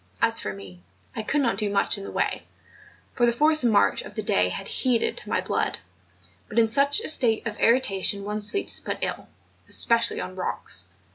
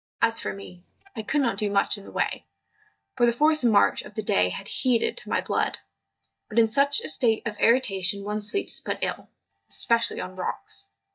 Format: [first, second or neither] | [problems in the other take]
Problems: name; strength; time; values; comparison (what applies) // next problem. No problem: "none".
first | noise reduction (neural mask model DeepFilterNet 3)